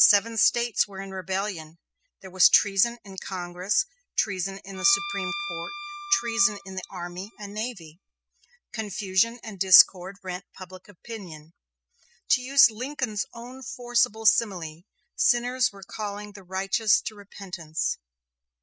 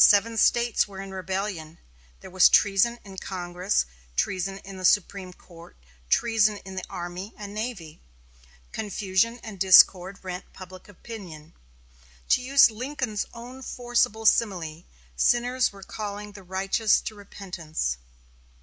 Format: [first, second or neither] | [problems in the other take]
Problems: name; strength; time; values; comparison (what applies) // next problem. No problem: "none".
second | noise reduction (classical method spectral subtraction)